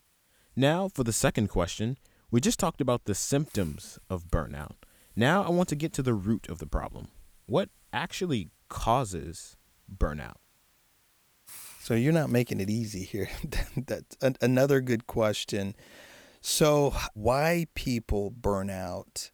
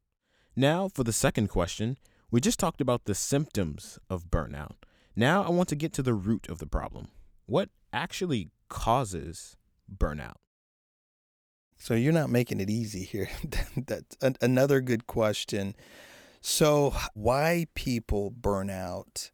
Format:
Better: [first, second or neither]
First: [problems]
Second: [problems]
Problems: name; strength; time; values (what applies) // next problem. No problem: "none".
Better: second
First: hiss; faint; throughout; 30 dB below the speech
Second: none